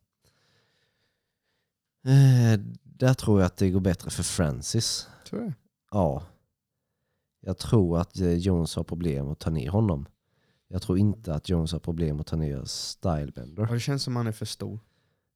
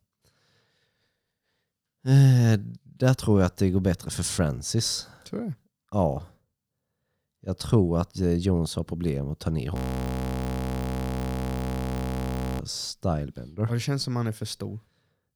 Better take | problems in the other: first | audio freezing; at 10 s for 3 s

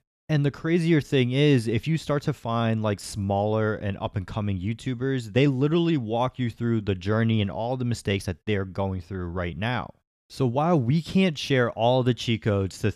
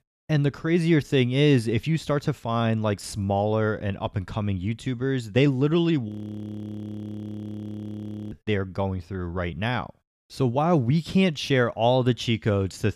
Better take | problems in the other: first | audio freezing; at 6 s for 2 s

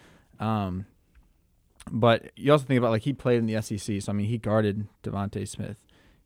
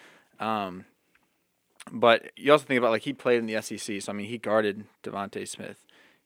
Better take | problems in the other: first | thin; somewhat; fading below 300 Hz

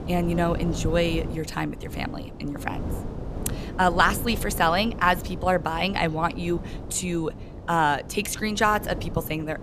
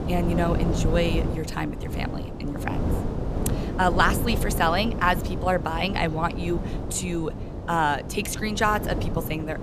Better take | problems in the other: first | wind noise on the microphone; heavy; 10 dB below the speech; occasional gusts in the first

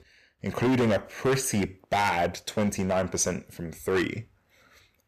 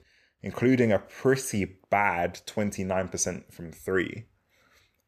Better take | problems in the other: second | distortion; heavy; 9% of the sound clipped

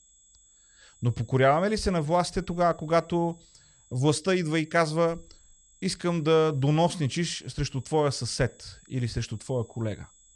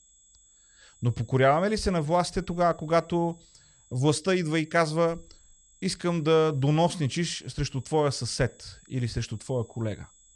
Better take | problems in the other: neither | high-pitched whine; faint; throughout; 7.5 kHz, 30 dB below the speech; the same in both

